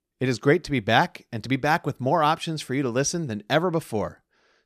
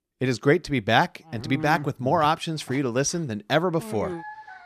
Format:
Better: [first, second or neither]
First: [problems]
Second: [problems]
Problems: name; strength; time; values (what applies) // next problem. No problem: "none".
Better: first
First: none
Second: animal sounds; noticeable; from 1.5 s on; 15 dB below the speech